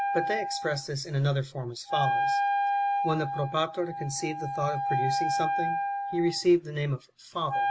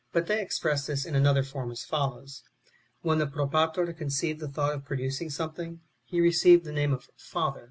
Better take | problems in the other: second | background sound (Wind instrument, woodwind instrument); as loud as the speech

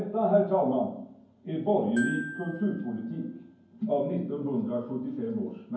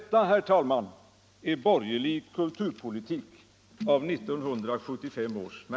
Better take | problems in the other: second | background sound (Glockenspiel); 13 dB below the speech // room echo; dies away in 0.9 s

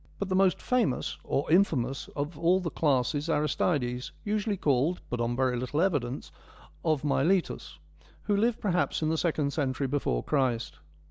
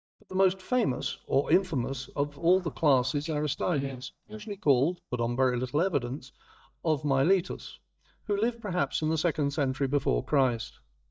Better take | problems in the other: first | noise reduction (neural mask model DeepFilterNet 3)

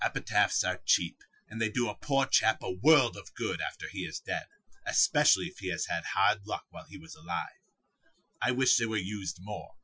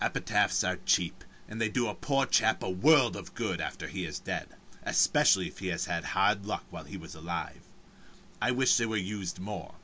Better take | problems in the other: second | noise reduction (classical method Wiener filter)

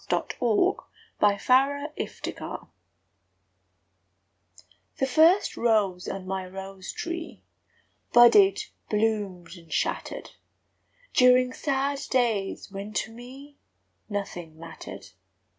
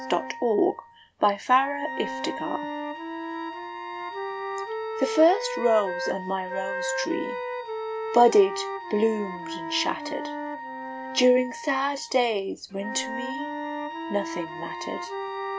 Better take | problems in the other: first | background sound (Wind instrument, woodwind instrument + Wind instrument, woodwind instrument); 6 dB below the speech

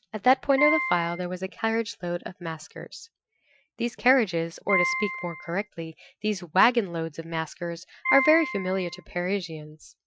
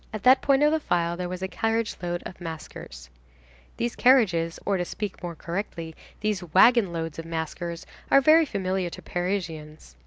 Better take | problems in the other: second | noise reduction (classical method Wiener filter)

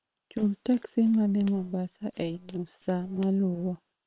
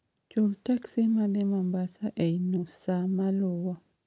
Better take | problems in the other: second | noise reduction (neural separator model SepFormer WHAM!)

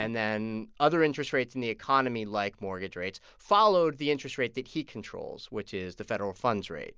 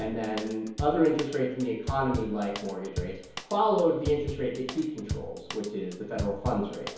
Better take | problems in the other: first | background sound (Drum / Drum kit); 9 dB below the speech // room echo; dies away in 2.2 s

